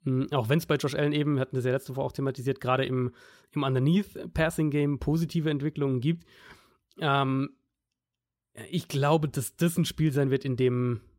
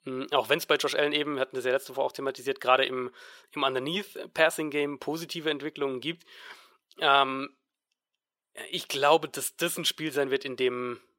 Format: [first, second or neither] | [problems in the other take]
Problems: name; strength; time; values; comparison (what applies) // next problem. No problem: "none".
first | thin; very; fading below 550 Hz